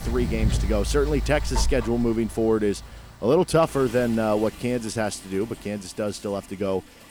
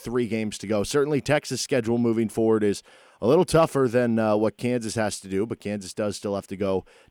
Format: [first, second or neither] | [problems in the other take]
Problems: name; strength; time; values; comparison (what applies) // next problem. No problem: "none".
second | rain or running water; loud; throughout; 7 dB below the speech